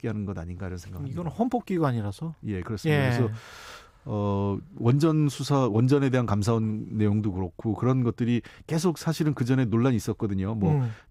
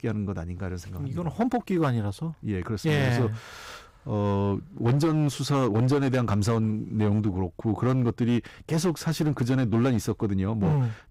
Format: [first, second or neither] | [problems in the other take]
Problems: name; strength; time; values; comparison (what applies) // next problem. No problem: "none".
first | distortion; slight; 8% of the sound clipped